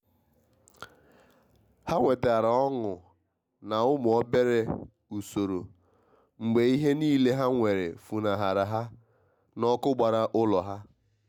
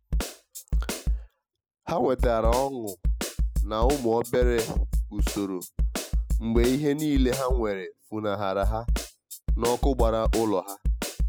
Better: first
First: none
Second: noise reduction (classical method spectral subtraction)

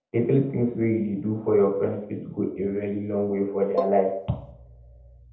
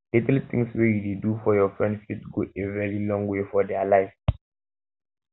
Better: second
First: background sound (Bowed string instrument); 8 dB below the speech // room echo; dies away in 0.7 s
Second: none

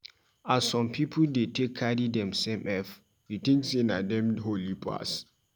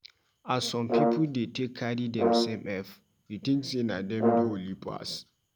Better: first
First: none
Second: background sound (Brass instrument); 2 dB above the speech

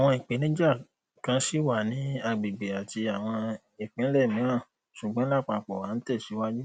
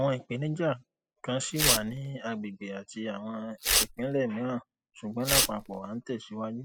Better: first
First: none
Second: noise reduction (classical method spectral subtraction)

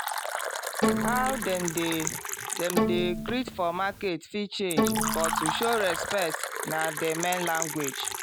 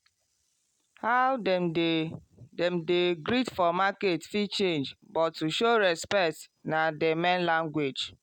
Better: second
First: background sound (Fill (with liquid) + Bowed string instrument); as loud as the speech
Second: none

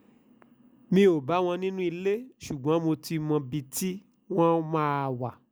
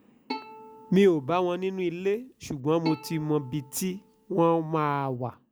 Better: first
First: none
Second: background sound (Bowed string instrument); 17 dB below the speech

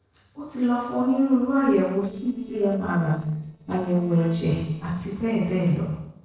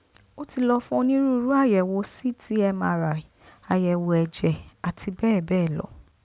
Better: second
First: noise reduction (neural separator model SepFormer DNS4)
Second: none

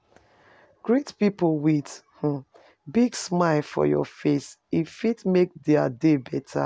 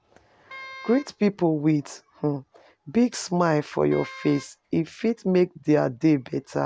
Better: first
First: none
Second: background sound (Wind instrument, woodwind instrument); 19 dB below the speech

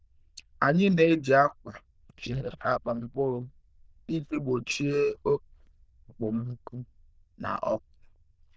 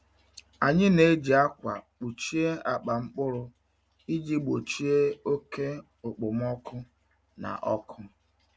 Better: second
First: noise reduction (neural diffusion model UNIVERSE++)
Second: none

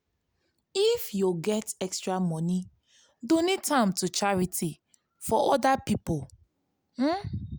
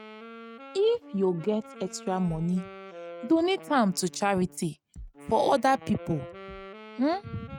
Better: first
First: none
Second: noise reduction (neural mask model RNNoise)

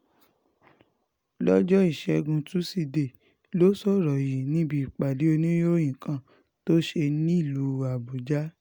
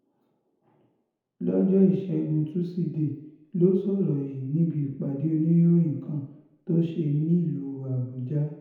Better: first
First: none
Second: room echo; dies away in 0.9 s

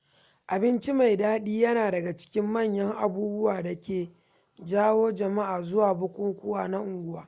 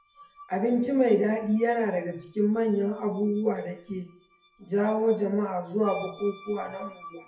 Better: first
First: none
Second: noise reduction (classical method WPE with log-MMSE)

